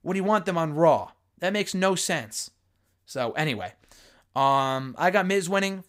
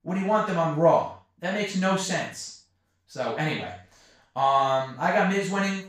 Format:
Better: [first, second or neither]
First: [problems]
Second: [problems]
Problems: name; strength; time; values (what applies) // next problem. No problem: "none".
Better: first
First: none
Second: room echo; noticeable; dies away in 0.4 s // off-mic speech; far